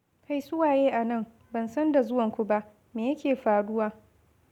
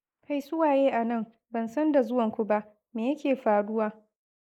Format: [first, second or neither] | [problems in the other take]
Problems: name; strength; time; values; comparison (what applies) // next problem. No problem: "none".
first | noise reduction (neural mask model Resemble Enhance denoiser)